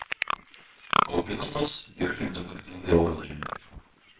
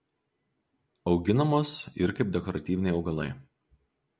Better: second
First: noise reduction (neural separator model SepFormer WHAMR!)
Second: none

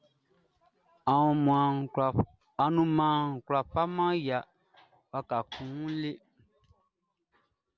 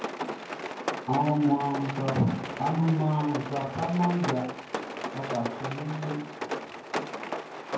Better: first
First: none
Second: background sound (Rain); 6 dB below the speech // room echo; dies away in 0.9 s

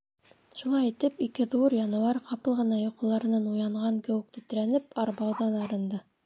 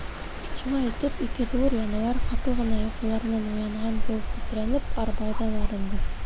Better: first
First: none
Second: background sound (Wind); 4 dB above the speech

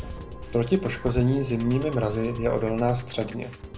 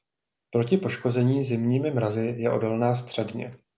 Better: second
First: background sound (Musical instrument); 11 dB below the speech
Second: none

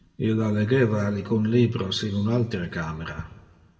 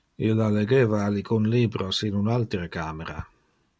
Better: second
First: room echo; dies away in 1.2 s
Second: none

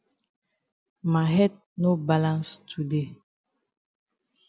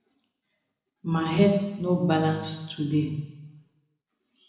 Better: first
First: none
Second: room echo; dies away in 0.9 s

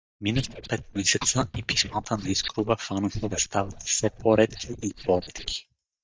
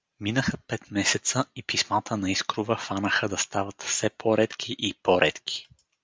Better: second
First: noise reduction (neural mask model DeepFilterNet 3)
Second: none

